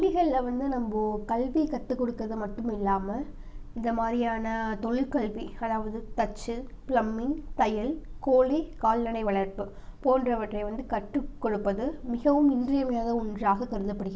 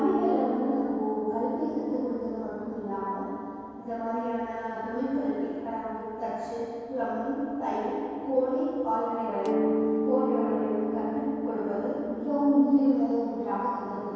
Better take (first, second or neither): first